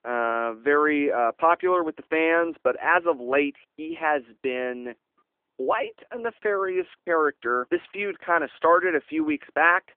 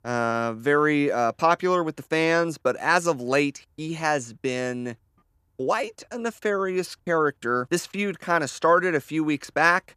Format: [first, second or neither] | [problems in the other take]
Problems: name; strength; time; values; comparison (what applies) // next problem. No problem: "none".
second | phone-call audio